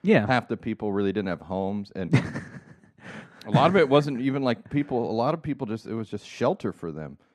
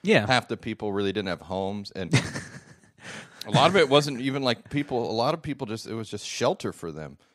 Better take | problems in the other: second | muffled; slightly; fading above 3 kHz

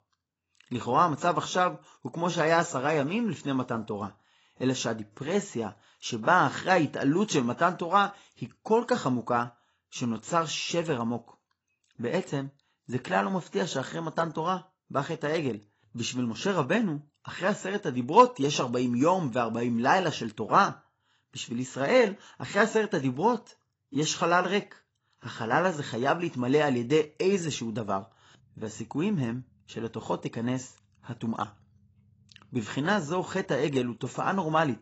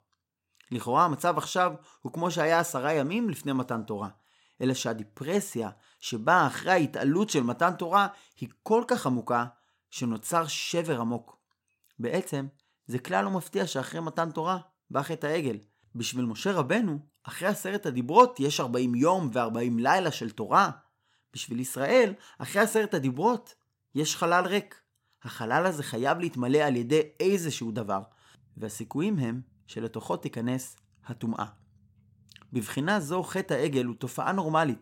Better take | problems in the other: second | garbled, watery; badly; nothing above 7.5 kHz

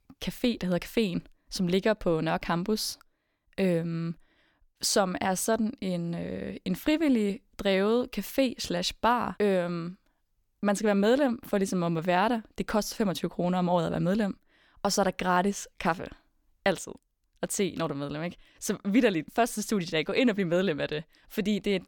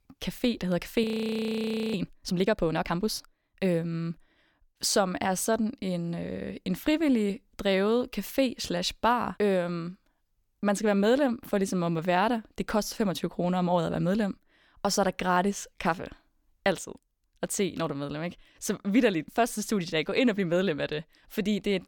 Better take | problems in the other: first | audio freezing; at 1 s for 1 s

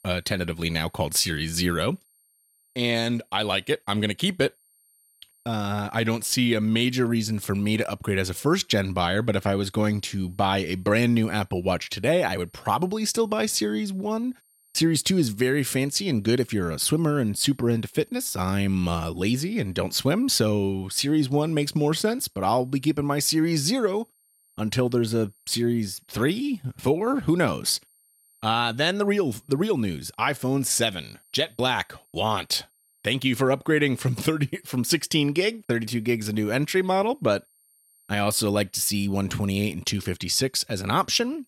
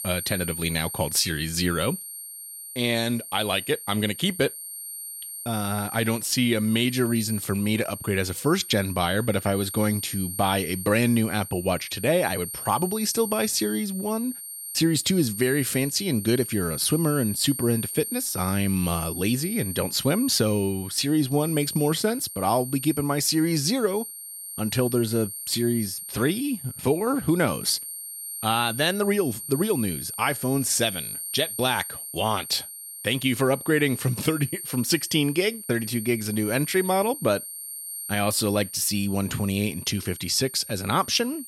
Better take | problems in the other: first | high-pitched whine; loud; throughout; 9 kHz, 9 dB below the speech; faint in the first

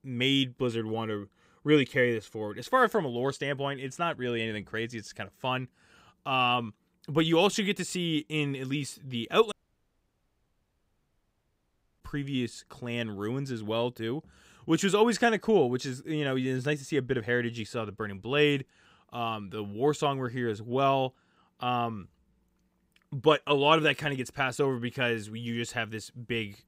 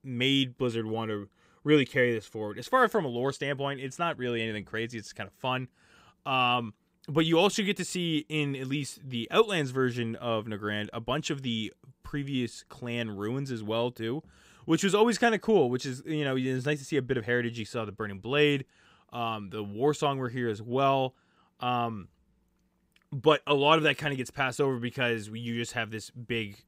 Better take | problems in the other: second | audio cutting out; at 9.5 s for 2.5 s

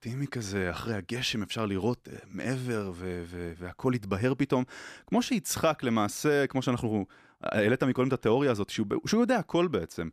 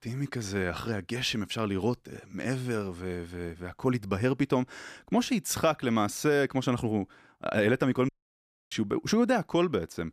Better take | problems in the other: first | audio cutting out; at 8 s for 0.5 s

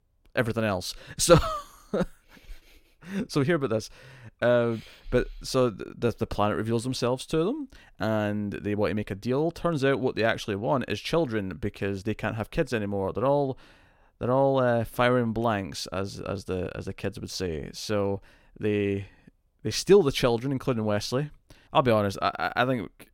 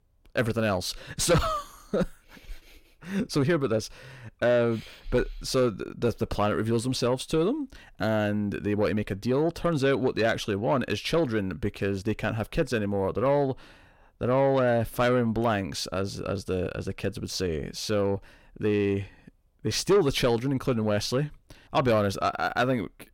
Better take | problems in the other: first | distortion; slight; 10 dB below the speech

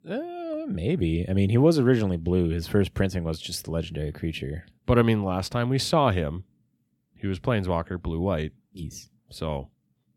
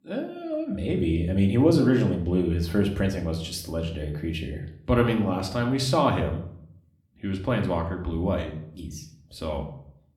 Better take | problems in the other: first | room echo; slight; dies away in 0.5 s // off-mic speech; somewhat distant

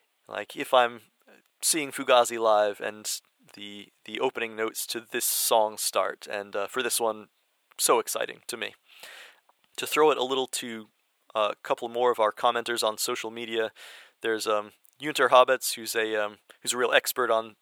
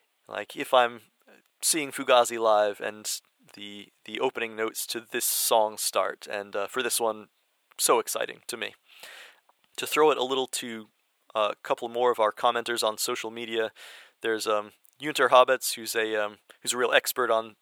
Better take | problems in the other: neither | thin; very; fading below 650 Hz; the same in both

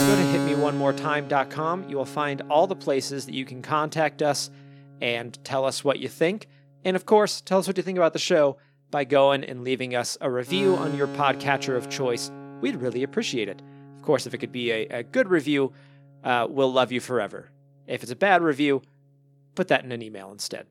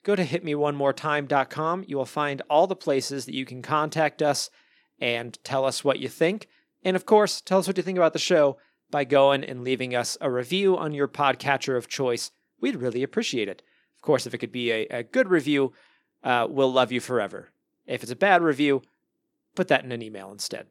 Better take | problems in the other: second | background music; loud; throughout; 8 dB below the speech

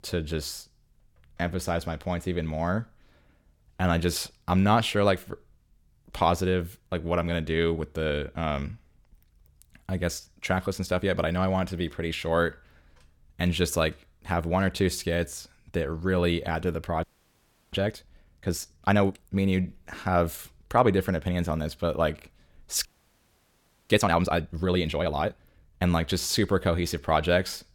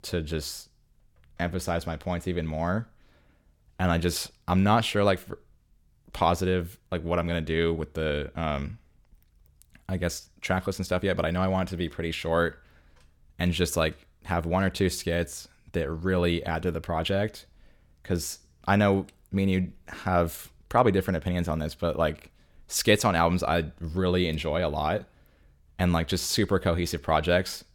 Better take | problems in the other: second | audio freezing; at 17 s for 0.5 s and at 23 s for 1 s

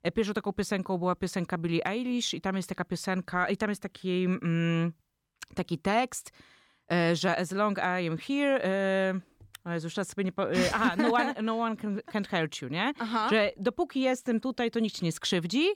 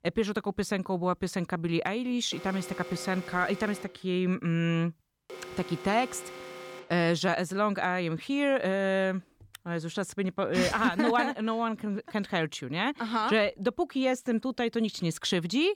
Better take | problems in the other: first | alarm; faint; from 2.5 to 7 s; peak 10 dB below the speech

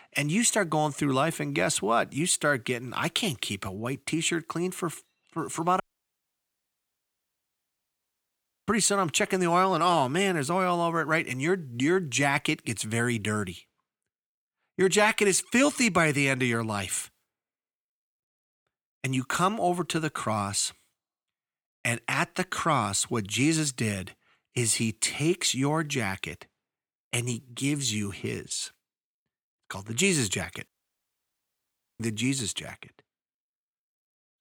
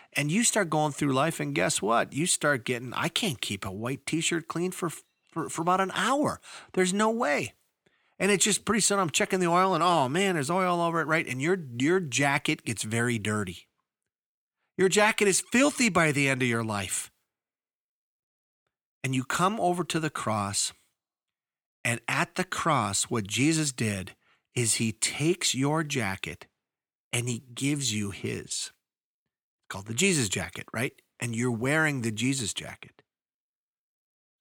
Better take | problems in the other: second | audio cutting out; at 6 s for 3 s and at 31 s for 1.5 s

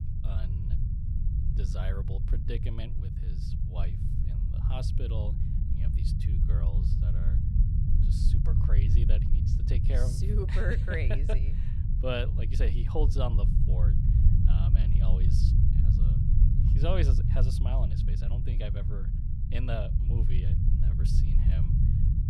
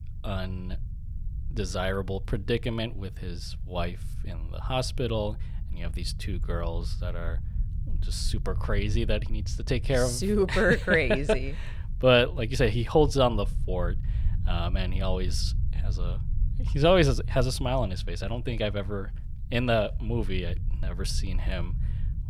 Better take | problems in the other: second | low rumble; loud; throughout; 3 dB below the speech; faint in the second

